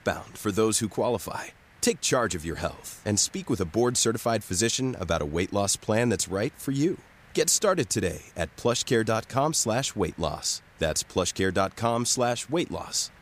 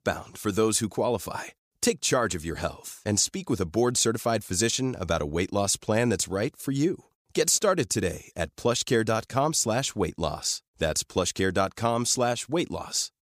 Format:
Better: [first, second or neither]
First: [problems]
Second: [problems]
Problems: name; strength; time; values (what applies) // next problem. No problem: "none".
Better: second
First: hiss; faint; throughout; 30 dB below the speech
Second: none